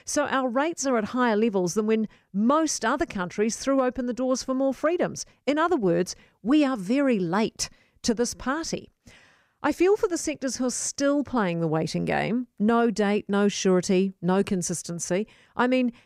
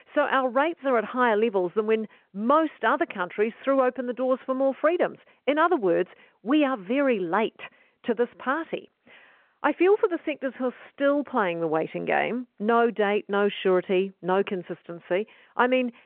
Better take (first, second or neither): first